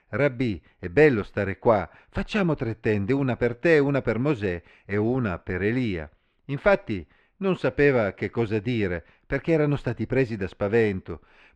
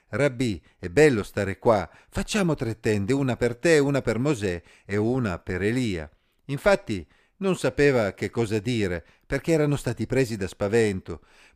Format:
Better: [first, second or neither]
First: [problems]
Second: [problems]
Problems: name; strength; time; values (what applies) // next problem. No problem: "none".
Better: second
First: muffled; slightly; fading above 2.5 kHz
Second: none